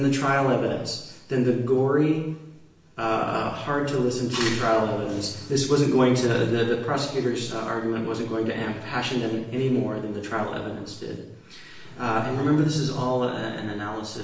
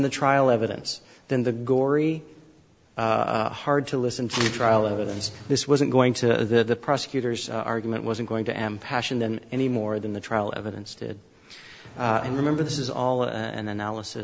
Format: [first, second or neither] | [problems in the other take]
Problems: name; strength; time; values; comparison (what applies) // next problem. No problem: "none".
second | room echo; dies away in 0.9 s